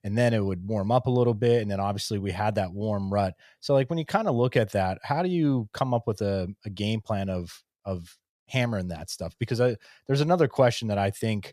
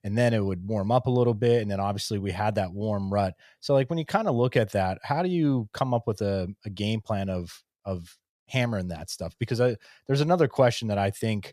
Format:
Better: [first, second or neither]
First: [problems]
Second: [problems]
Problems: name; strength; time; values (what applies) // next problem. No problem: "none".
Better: neither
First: none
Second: none